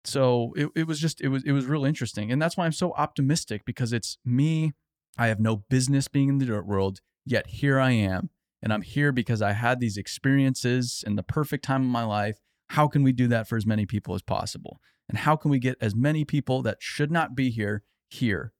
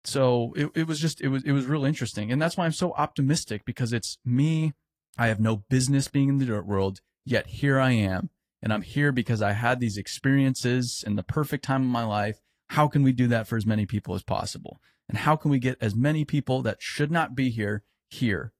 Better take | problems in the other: first | garbled, watery; slightly; nothing above 14.5 kHz

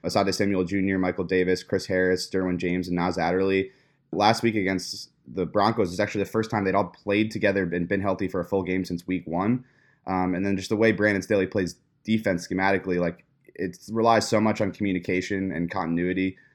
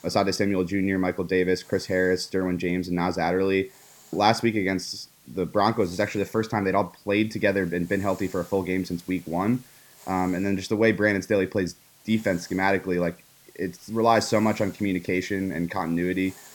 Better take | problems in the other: first | hiss; faint; throughout; 25 dB below the speech

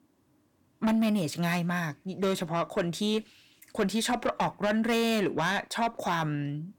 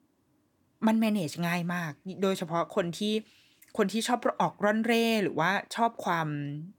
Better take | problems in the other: second | distortion; slight; 10 dB below the speech

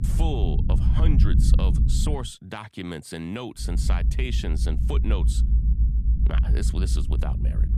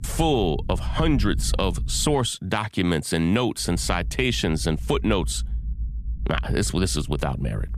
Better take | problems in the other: second | low rumble; loud; until 2 s and from 3.5 s on; 5 dB below the speech; faint in the second

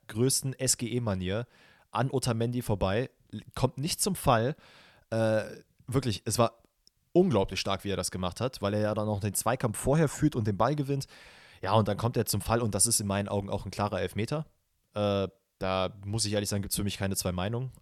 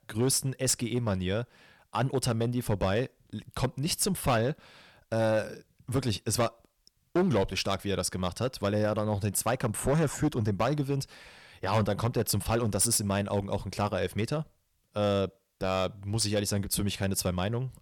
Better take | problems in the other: first | distortion; slight; 5% of the sound clipped

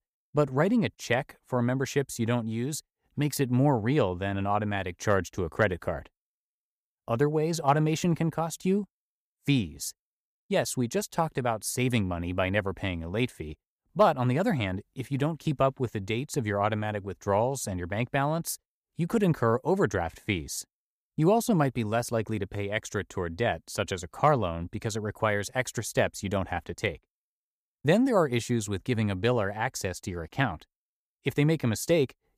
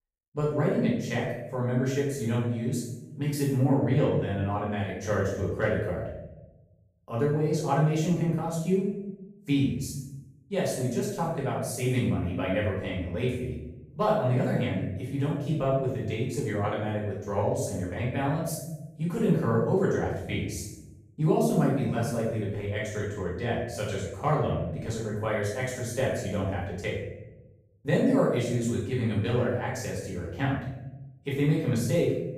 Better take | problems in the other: first | room echo; noticeable; dies away in 0.9 s // off-mic speech; far

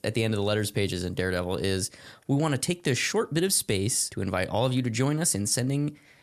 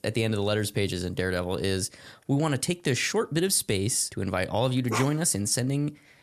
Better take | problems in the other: first | dog barking; noticeable; at 5 s; peak 6 dB below the speech

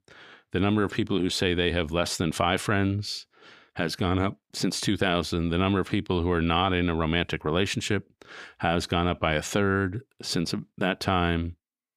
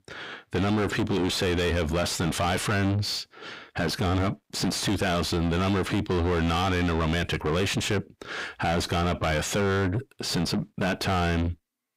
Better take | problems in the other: first | distortion; heavy; 6 dB below the speech

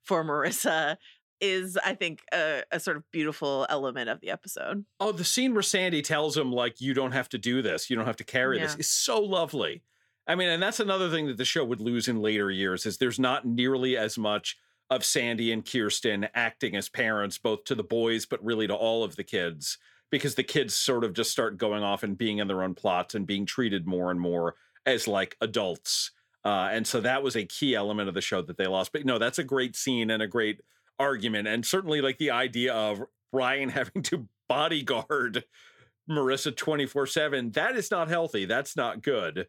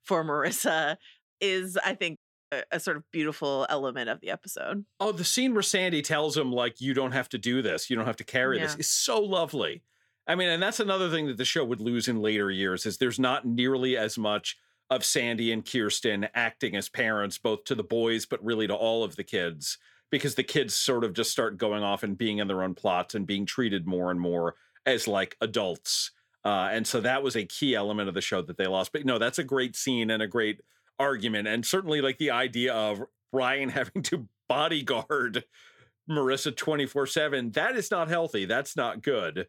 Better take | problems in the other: first | audio cutting out; at 2 s

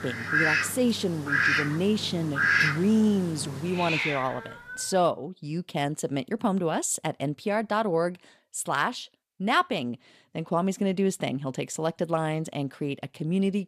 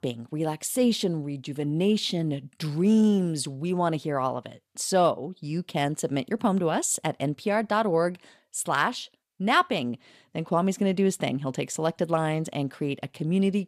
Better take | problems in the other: second | animal sounds; very loud; until 5 s; 3 dB above the speech

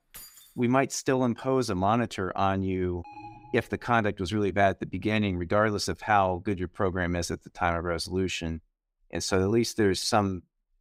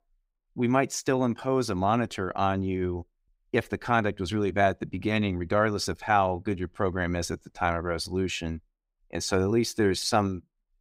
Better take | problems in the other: second | jangling keys; faint; at the start; peak 20 dB below the speech // alarm; faint; at 3 s; peak 20 dB below the speech

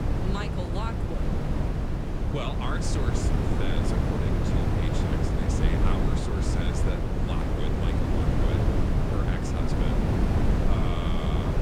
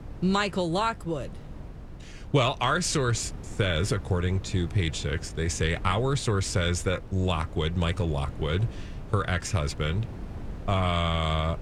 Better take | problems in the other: second | wind noise on the microphone; heavy; 4 dB above the speech; occasional gusts in the second

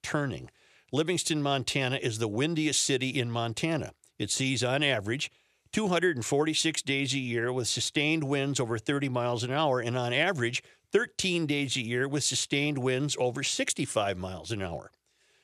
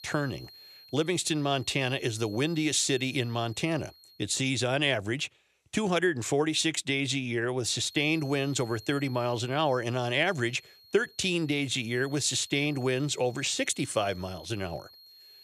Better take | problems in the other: first | high-pitched whine; faint; until 4 s and from 8 s on; 4.5 kHz, 20 dB below the speech

